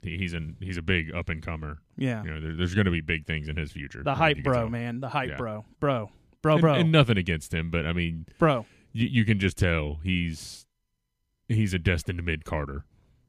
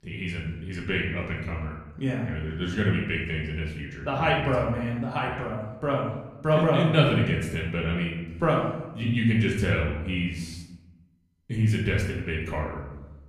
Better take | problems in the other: first | room echo; noticeable; dies away in 0.8 s // off-mic speech; far

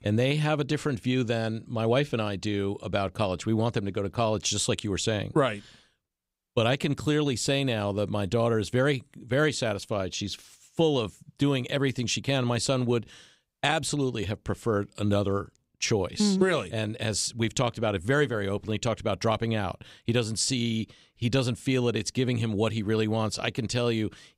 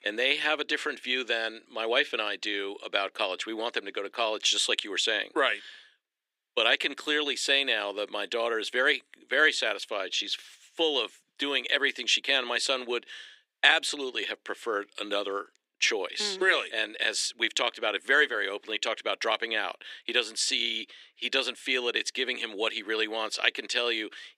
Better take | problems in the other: first | thin; very; fading below 300 Hz

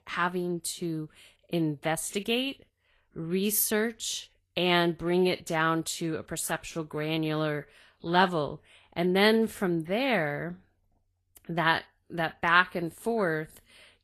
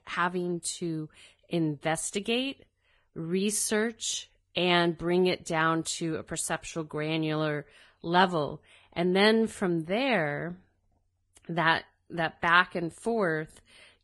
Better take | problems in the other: first | garbled, watery; badly; nothing above 10.5 kHz; slightly in the first

